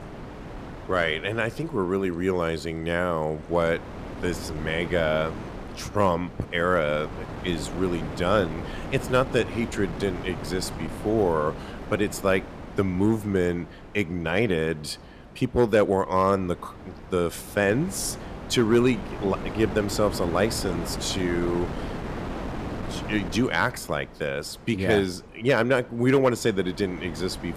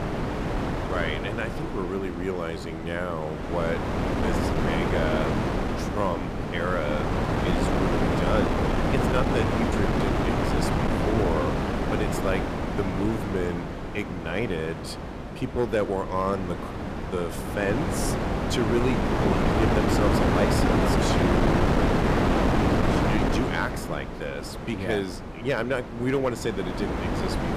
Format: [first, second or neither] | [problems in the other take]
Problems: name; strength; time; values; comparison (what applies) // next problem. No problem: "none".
first | wind noise on the microphone; heavy; 3 dB above the speech; occasional gusts in the first